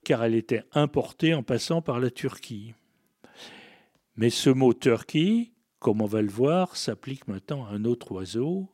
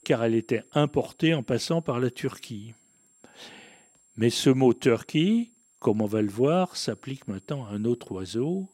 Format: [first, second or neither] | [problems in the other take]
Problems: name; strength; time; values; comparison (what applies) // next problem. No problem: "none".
first | high-pitched whine; faint; throughout; 7.5 kHz, 35 dB below the speech